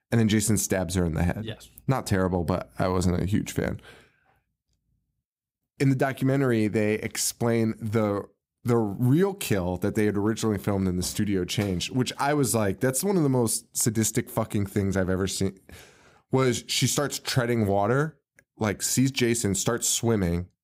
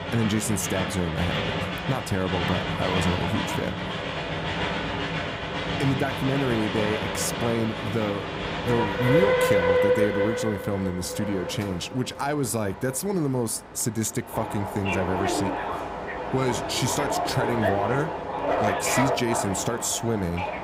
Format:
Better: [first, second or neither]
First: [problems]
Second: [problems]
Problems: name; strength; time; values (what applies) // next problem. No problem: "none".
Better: first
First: none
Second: train or aircraft noise; very loud; throughout; as loud as the speech